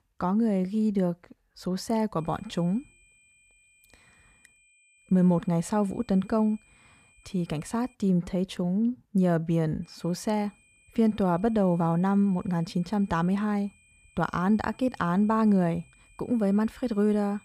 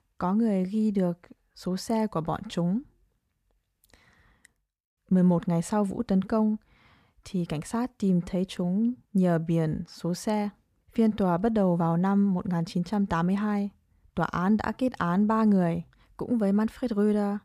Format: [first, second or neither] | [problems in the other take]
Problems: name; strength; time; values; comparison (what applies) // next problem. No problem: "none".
second | high-pitched whine; faint; from 2 to 8 s and from 10 s on; 2.5 kHz, 30 dB below the speech